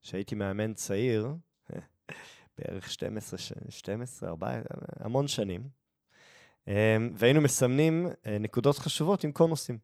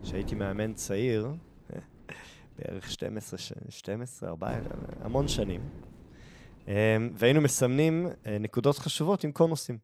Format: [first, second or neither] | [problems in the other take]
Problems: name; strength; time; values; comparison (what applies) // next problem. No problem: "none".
first | wind noise on the microphone; occasional gusts; until 3 s and from 4.5 to 8.5 s; 20 dB below the speech